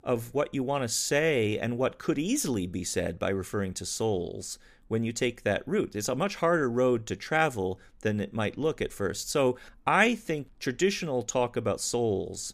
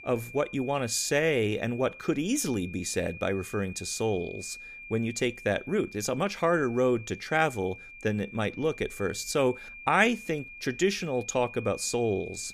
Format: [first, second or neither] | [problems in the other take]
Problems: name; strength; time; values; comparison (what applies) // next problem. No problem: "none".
first | high-pitched whine; noticeable; throughout; 2.5 kHz, 15 dB below the speech